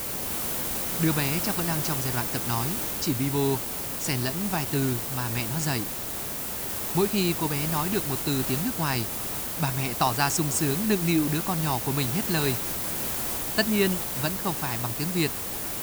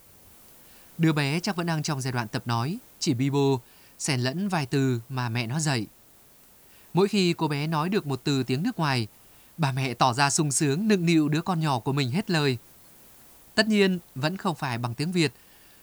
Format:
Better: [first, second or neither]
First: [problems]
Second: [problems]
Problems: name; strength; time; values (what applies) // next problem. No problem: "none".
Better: second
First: hiss; loud; throughout; as loud as the speech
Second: hiss; faint; throughout; 25 dB below the speech